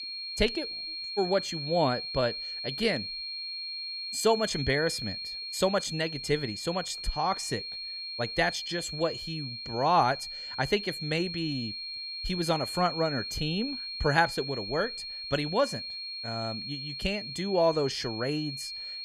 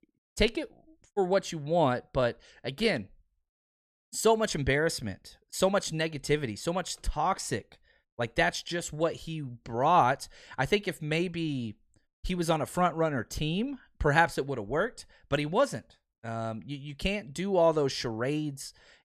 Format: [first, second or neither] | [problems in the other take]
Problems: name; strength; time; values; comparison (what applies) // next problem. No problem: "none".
second | high-pitched whine; loud; throughout; 4.5 kHz, 5 dB below the speech